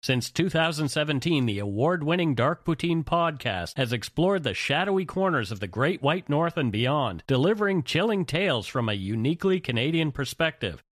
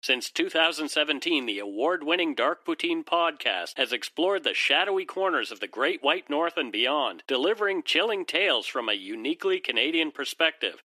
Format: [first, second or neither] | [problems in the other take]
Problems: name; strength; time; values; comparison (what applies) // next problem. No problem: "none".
first | thin; somewhat; fading below 300 Hz